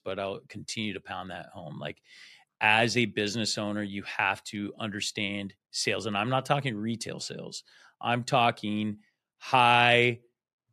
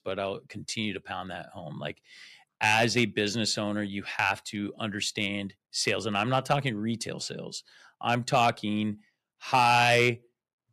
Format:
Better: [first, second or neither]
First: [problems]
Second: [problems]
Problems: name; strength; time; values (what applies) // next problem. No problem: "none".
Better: first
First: none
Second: distortion; slight; 0.9% of the sound clipped